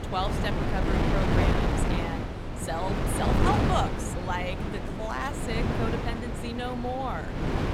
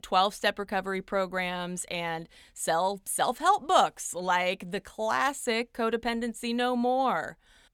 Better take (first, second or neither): second